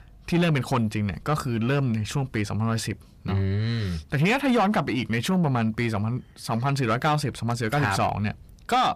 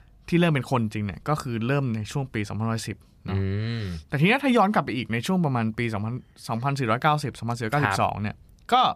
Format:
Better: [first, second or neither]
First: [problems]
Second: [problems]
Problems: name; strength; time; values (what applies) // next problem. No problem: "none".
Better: second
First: distortion; slight; 10 dB below the speech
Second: none